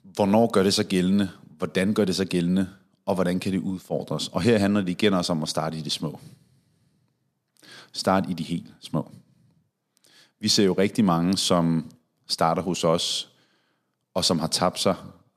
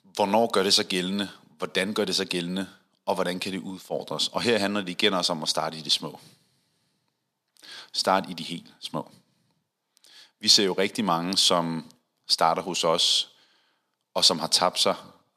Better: first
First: none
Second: thin; very slightly; fading below 1 kHz

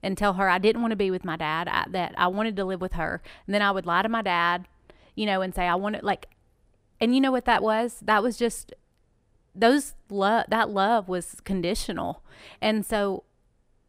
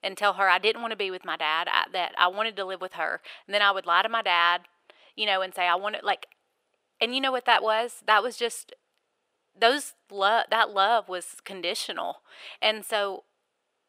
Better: first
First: none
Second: thin; very; fading below 600 Hz

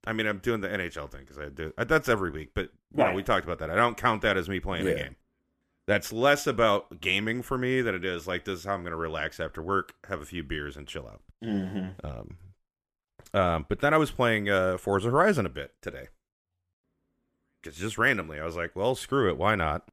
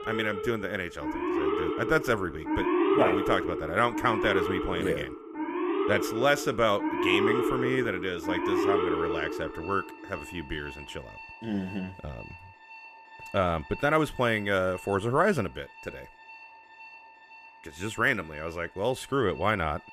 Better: first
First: none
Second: alarms or sirens; loud; throughout; 1 dB below the speech

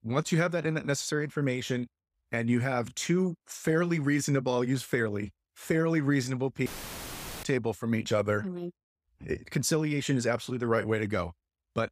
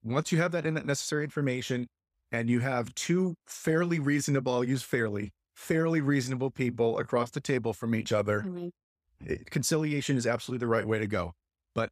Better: second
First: audio cutting out; filled with static; at 6.5 s for 1 s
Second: none

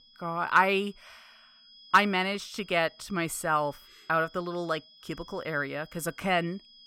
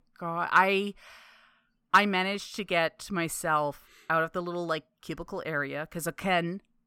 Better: second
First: high-pitched whine; faint; throughout; 3.5 kHz, 25 dB below the speech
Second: none

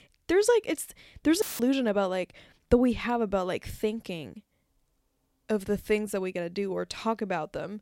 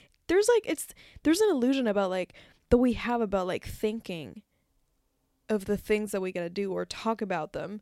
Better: second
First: audio cutting out; filled with static; at 1.5 s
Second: none

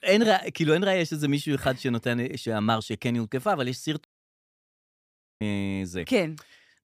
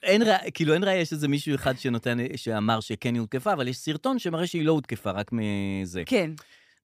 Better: second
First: audio cutting out; at 4 s for 1.5 s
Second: none

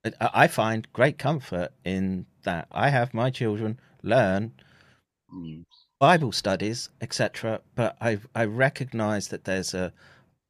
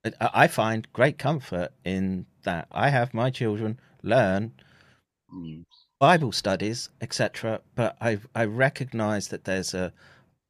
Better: neither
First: none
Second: none

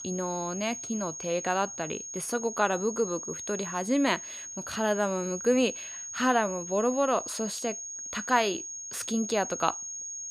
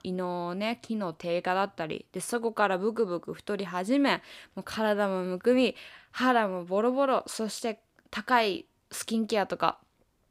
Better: second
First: high-pitched whine; loud; throughout; 6.5 kHz, 7 dB below the speech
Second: none

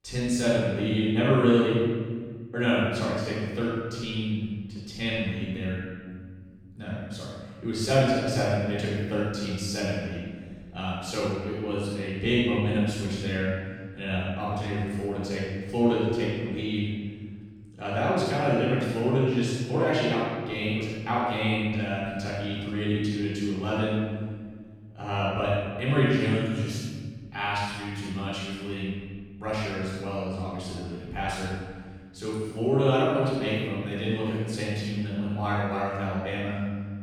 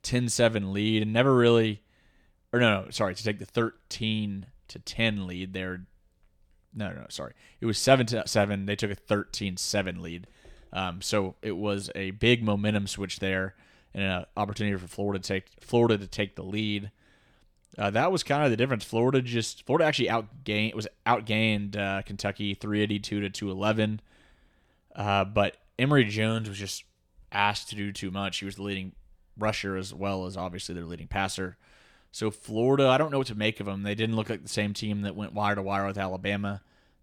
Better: second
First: off-mic speech; far // room echo; strong; dies away in 1.9 s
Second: none

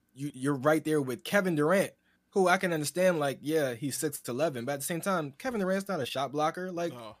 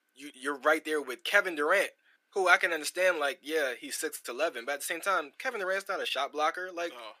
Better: first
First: none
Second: thin; very; fading below 350 Hz

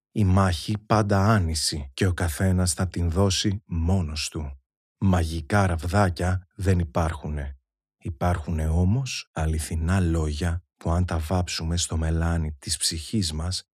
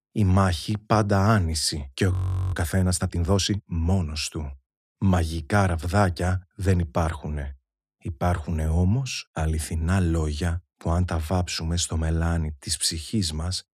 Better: first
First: none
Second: audio freezing; at 2 s

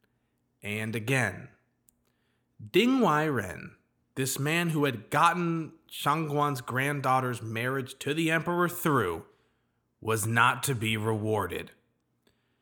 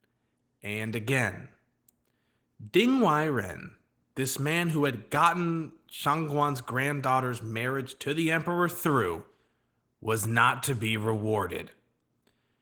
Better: first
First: none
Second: garbled, watery; slightly; nothing above 19 kHz

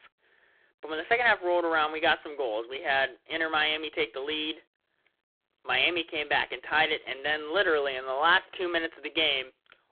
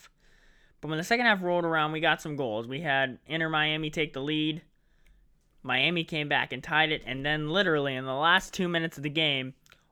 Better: second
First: phone-call audio; poor line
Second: none

